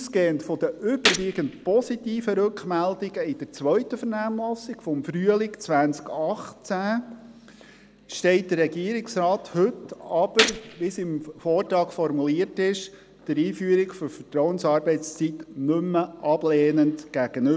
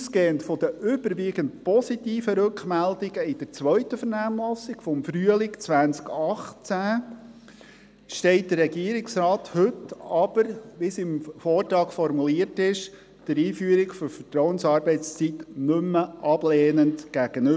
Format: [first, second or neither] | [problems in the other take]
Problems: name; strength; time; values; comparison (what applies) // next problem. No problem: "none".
second | background sound (Gunshot, gunfire); 4 dB below the speech